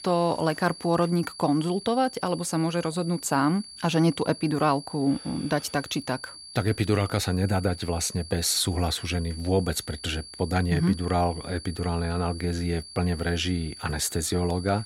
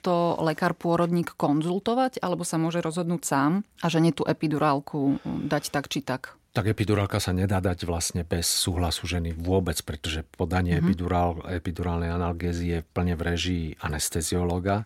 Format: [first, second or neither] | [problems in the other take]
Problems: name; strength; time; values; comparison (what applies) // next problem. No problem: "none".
second | high-pitched whine; noticeable; throughout; 4.5 kHz, 15 dB below the speech